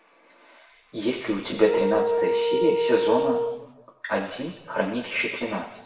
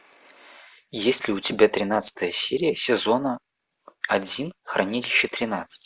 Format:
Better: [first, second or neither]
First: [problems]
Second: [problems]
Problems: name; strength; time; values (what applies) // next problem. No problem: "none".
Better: second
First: background sound (Wind instrument, woodwind instrument); 2 dB above the speech // room echo; dies away in 1.2 s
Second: none